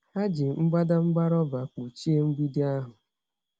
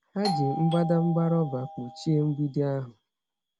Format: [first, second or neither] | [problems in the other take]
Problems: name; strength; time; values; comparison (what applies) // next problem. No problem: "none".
first | background sound (Doorbell); 9 dB below the speech